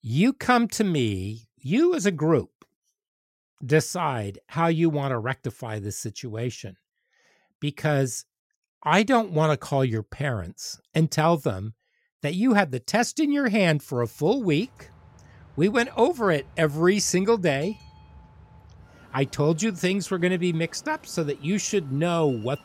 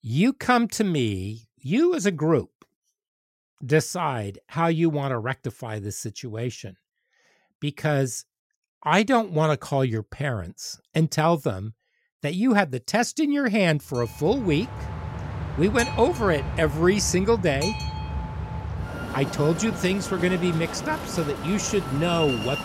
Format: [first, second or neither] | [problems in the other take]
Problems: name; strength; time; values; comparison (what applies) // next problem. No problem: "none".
first | train or aircraft noise; loud; from 14 s on; 8 dB below the speech; faint in the first